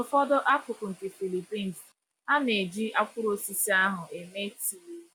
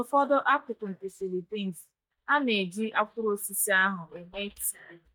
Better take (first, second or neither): first